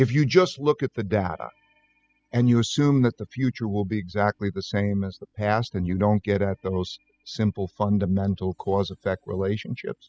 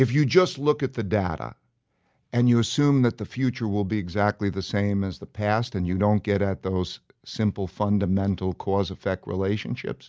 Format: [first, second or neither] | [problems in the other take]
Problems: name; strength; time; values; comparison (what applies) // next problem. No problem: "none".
second | noise reduction (classical method spectral subtraction)